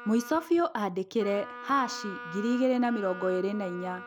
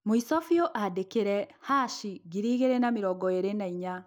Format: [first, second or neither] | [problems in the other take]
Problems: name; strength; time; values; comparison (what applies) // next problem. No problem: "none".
second | background sound (Wind instrument, woodwind instrument); 14 dB below the speech